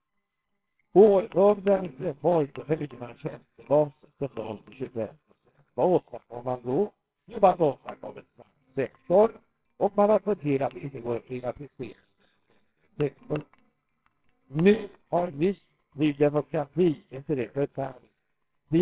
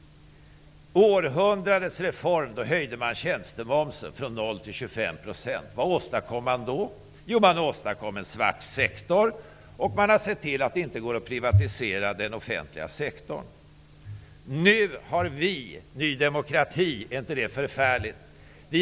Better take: second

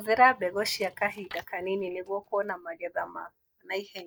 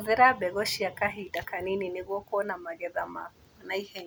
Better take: second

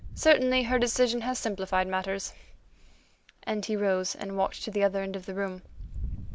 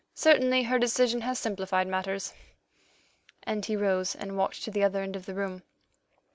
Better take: second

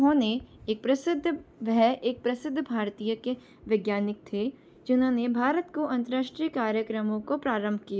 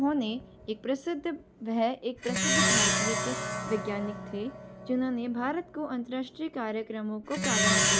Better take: first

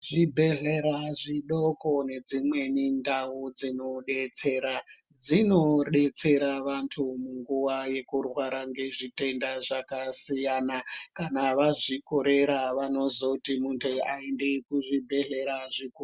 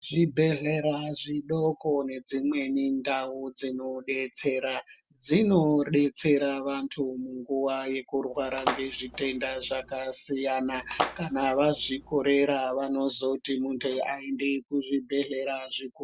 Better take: first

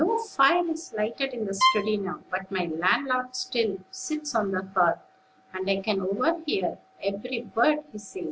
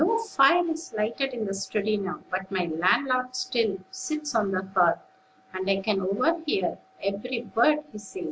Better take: second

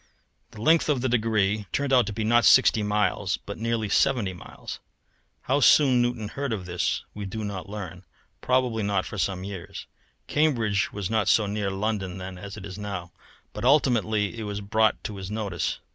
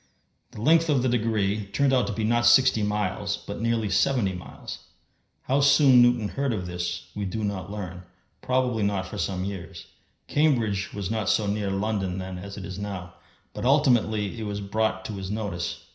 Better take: first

